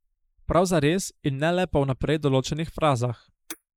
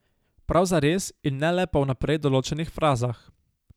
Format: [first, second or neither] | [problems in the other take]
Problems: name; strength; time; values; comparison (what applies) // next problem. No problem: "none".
second | noise reduction (neural mask model Resemble Enhance denoiser)